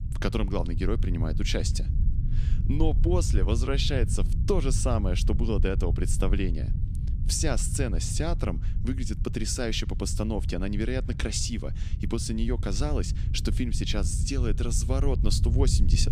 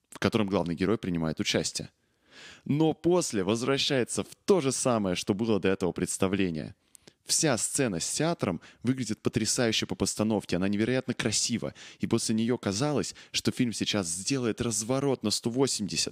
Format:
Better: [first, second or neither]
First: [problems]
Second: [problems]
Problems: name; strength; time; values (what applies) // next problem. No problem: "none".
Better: second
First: low rumble; noticeable; throughout; 10 dB below the speech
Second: none